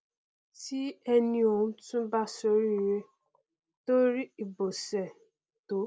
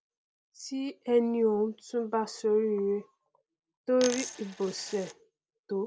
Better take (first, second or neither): first